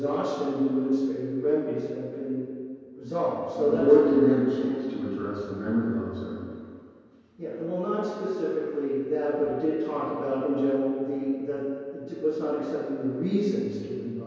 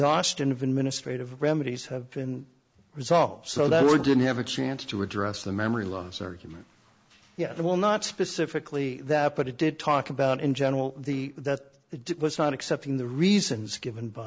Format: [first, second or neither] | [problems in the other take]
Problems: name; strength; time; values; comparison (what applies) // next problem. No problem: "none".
second | room echo; dies away in 2.2 s